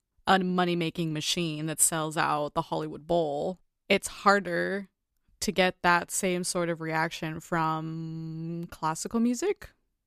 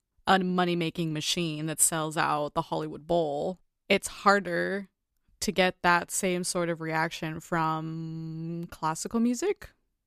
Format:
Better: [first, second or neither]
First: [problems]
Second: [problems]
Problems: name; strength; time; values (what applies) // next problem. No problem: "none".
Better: neither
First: none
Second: none